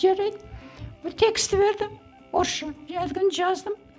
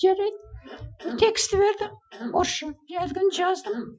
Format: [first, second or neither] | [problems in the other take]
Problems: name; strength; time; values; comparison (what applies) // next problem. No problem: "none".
first | noise reduction (classical method Wiener filter)